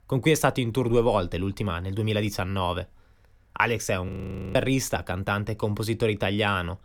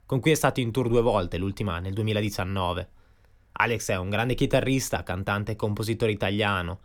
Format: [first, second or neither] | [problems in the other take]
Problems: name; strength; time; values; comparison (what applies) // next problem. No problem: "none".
second | audio freezing; at 4 s